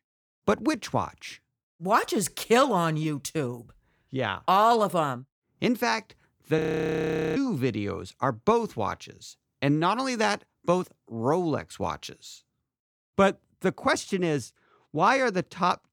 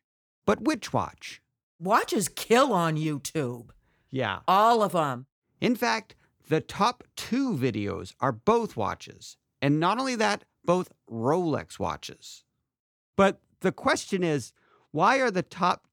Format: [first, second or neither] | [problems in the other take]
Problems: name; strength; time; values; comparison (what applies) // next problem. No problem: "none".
second | audio freezing; at 6.5 s for 1 s